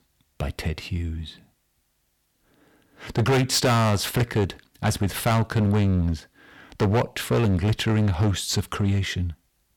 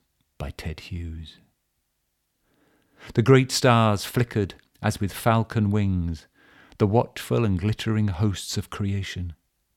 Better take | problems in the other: second | distortion; heavy; 11% of the sound clipped

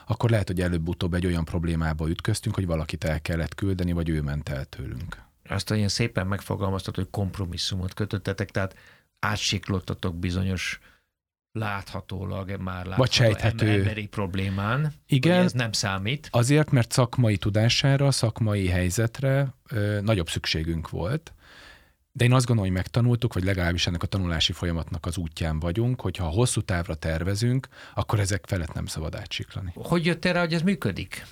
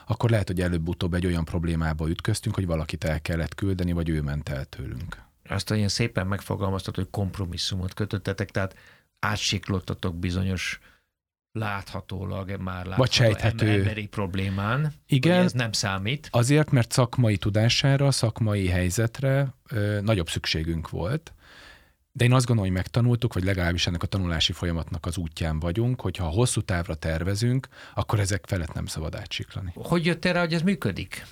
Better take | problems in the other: neither | none

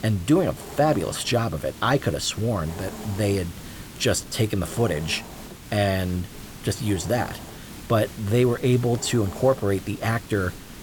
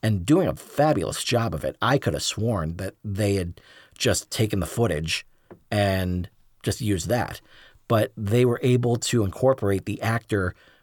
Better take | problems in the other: second | hiss; noticeable; throughout; 15 dB below the speech

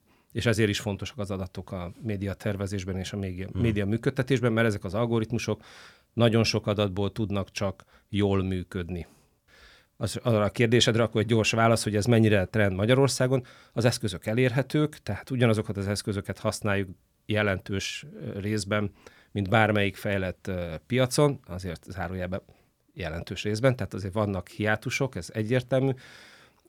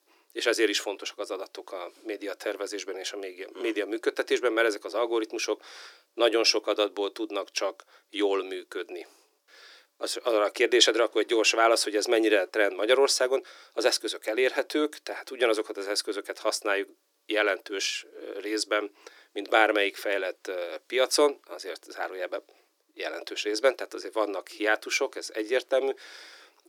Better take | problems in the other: first | thin; very; fading below 300 Hz

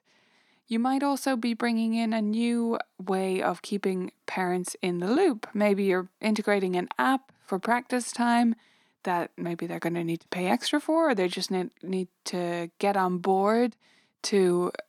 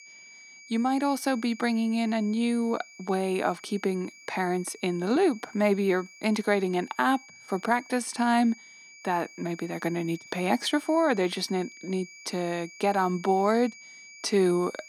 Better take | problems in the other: first | high-pitched whine; noticeable; throughout; 2.5 kHz, 20 dB below the speech

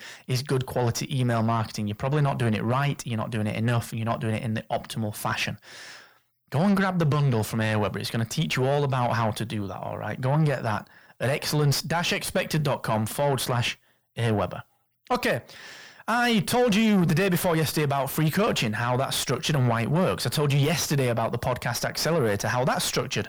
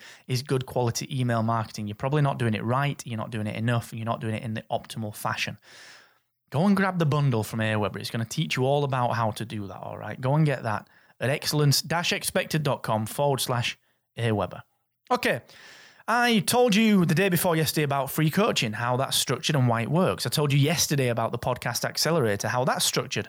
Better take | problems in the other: second | distortion; slight; 10 dB below the speech

